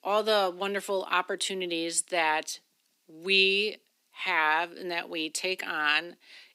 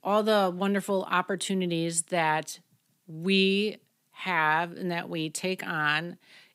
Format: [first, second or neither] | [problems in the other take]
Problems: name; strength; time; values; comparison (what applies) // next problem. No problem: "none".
second | thin; somewhat; fading below 250 Hz